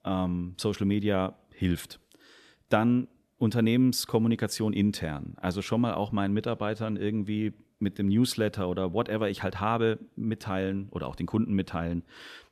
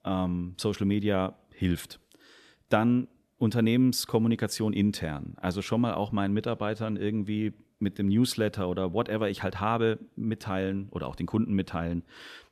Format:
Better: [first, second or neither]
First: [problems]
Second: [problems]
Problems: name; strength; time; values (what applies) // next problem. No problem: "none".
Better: neither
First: none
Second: none